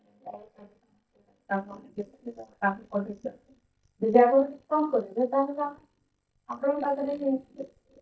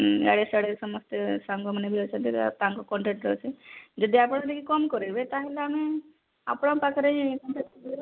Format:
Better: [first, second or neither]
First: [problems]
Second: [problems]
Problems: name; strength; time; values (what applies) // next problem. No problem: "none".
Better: second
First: noise reduction (neural mask model DeepFilterNet 3)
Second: none